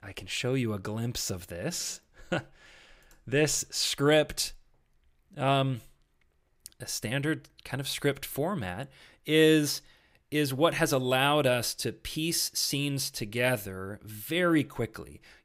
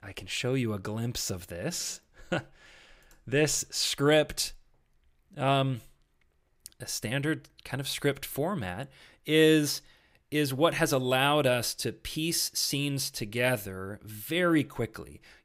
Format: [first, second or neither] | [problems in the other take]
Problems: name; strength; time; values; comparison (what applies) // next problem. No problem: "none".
neither | none